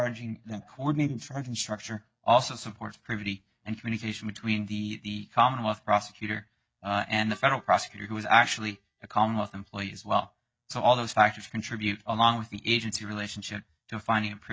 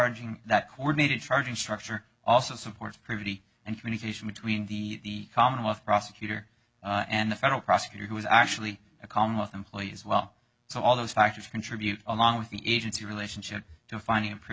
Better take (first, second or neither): second